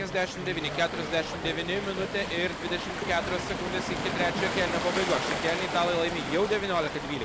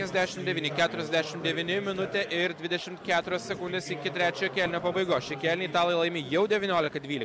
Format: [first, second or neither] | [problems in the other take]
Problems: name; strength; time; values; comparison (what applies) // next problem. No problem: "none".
second | background sound (Waves, surf); 4 dB below the speech